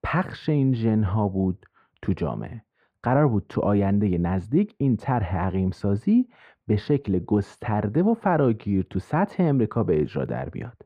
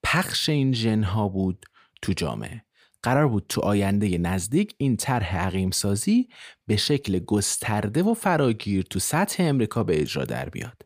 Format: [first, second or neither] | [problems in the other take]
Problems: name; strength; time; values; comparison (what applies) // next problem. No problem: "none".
second | muffled; very; fading above 3.5 kHz